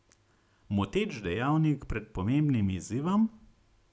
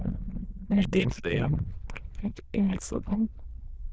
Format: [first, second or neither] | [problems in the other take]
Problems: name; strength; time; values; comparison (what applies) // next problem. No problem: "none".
first | noise reduction (neural diffusion model UNIVERSE++)